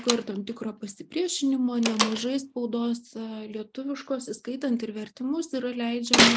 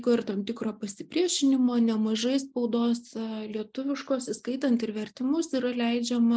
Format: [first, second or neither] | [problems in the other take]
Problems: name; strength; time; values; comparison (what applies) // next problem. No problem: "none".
second | background sound (Slam); 2 dB below the speech